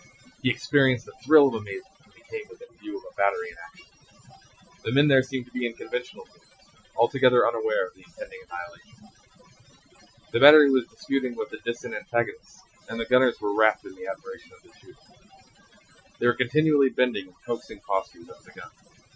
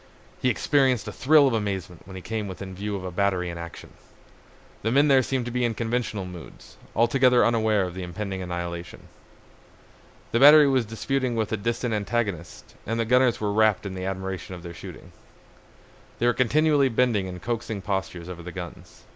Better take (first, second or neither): second